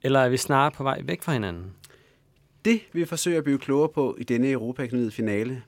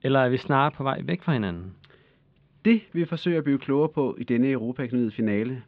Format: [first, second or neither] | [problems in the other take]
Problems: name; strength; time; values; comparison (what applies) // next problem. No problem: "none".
first | muffled; very; fading above 3.5 kHz